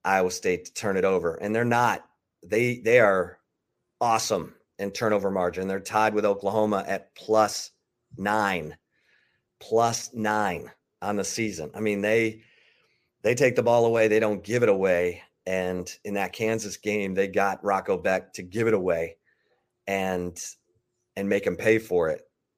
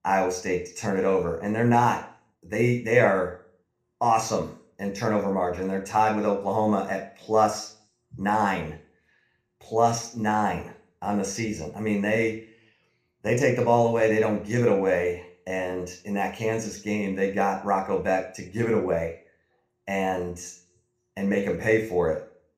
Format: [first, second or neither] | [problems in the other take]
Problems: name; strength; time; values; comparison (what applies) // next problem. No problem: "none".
first | room echo; very slight; dies away in 0.4 s